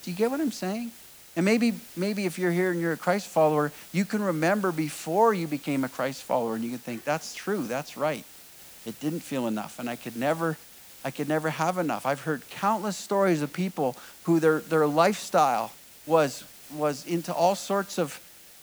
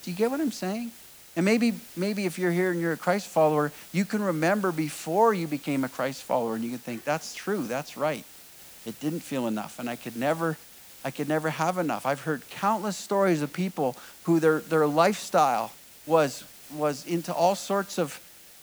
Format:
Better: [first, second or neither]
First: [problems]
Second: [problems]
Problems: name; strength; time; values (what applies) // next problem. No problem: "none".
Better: neither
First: hiss; noticeable; throughout; 20 dB below the speech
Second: hiss; noticeable; throughout; 20 dB below the speech